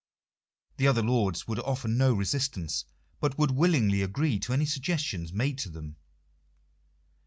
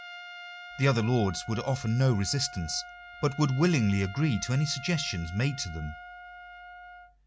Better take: first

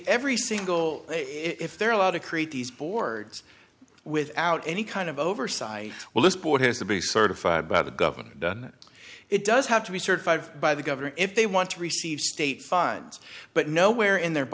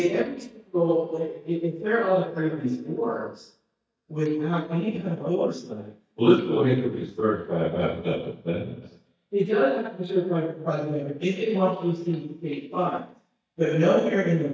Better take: first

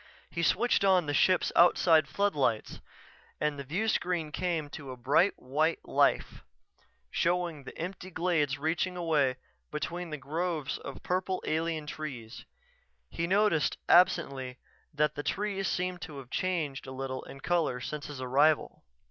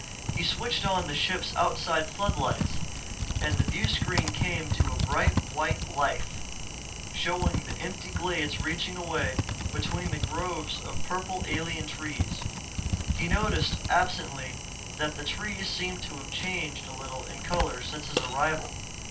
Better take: first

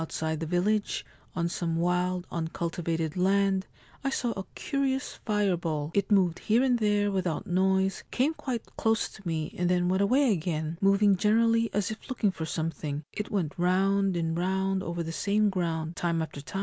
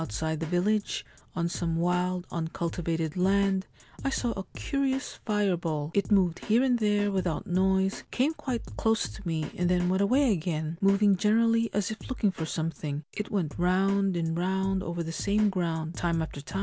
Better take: first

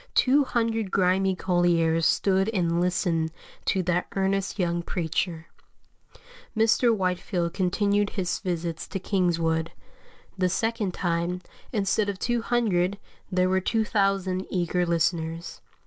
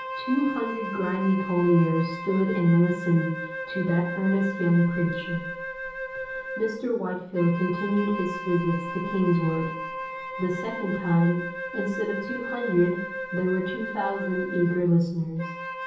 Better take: first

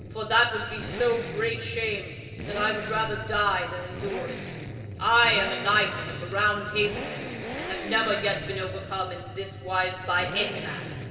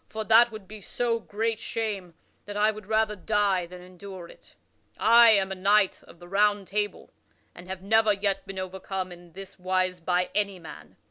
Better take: second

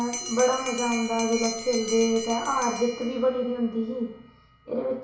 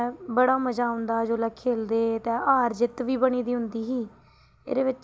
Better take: second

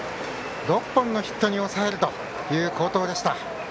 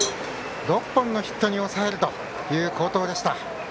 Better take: first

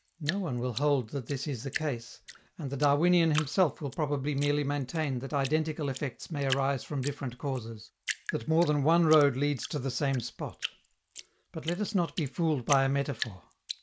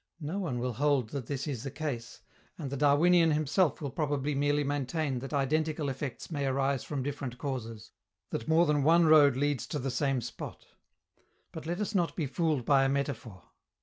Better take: second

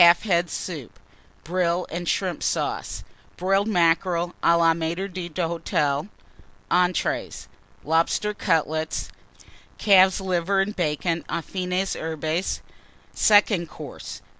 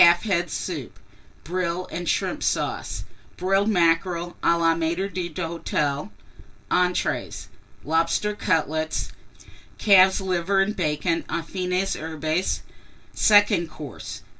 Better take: first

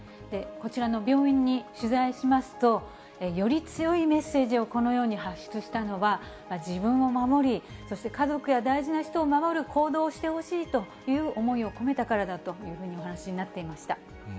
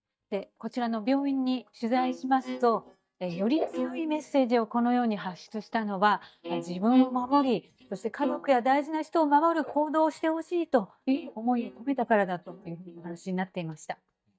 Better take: first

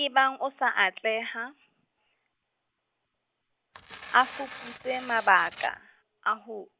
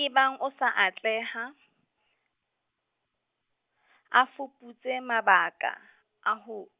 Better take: second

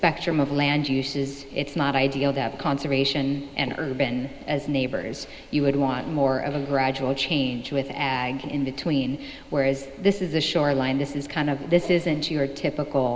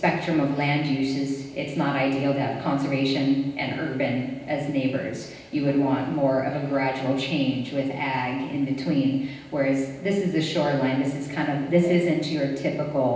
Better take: first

